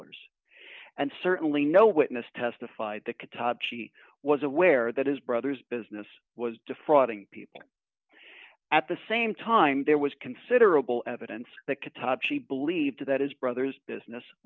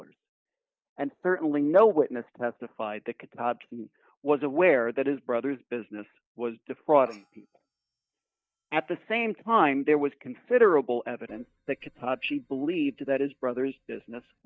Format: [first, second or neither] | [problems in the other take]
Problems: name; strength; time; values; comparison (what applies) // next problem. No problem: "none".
first | noise reduction (neural mask model DeepFilterNet 3)